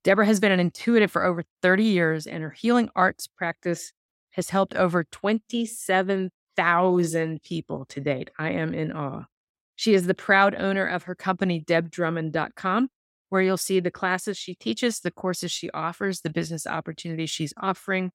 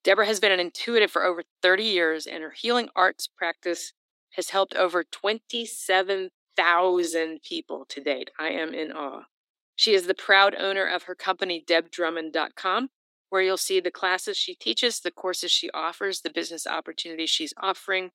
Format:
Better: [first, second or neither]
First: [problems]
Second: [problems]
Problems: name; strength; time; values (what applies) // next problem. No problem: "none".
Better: first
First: none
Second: thin; somewhat; fading below 300 Hz